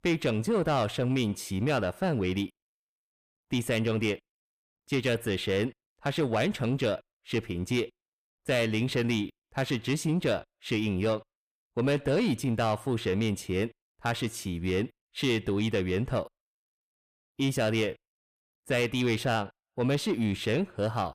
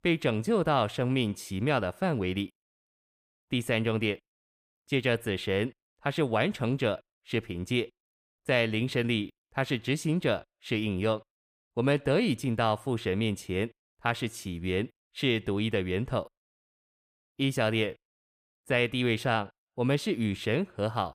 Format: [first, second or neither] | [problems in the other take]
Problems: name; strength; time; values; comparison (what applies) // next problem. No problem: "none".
second | distortion; slight; 10 dB below the speech